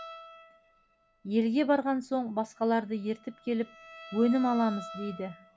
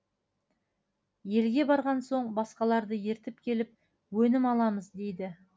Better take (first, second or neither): second